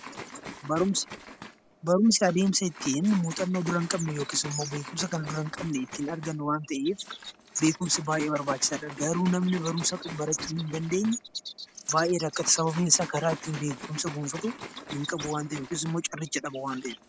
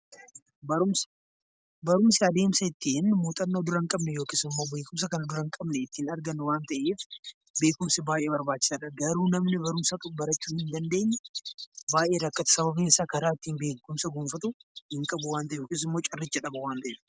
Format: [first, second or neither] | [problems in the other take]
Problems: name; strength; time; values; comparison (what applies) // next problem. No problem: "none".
second | background sound (Liquid); 14 dB below the speech